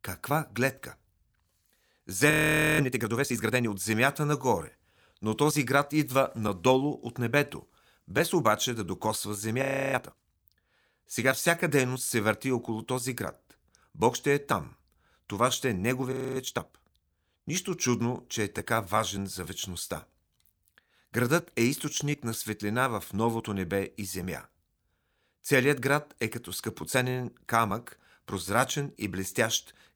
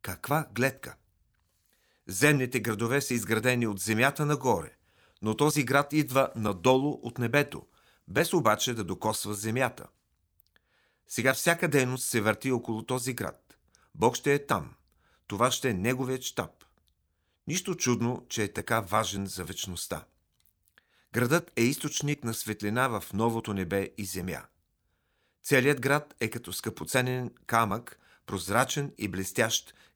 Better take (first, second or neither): second